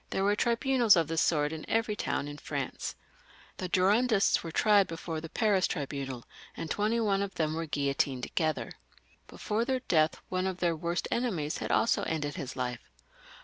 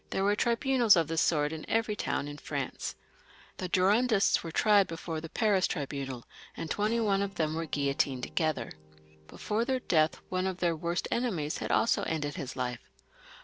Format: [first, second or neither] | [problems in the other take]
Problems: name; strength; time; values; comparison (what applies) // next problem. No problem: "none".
first | noise reduction (neural separator model SepFormer DNS4)